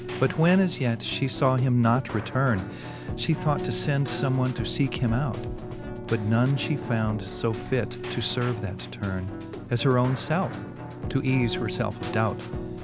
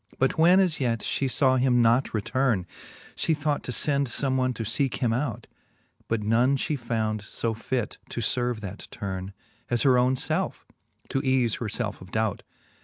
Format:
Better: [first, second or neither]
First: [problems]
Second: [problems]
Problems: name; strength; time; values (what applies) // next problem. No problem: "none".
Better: second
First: background sound (Keyboard (musical)); 8 dB below the speech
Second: none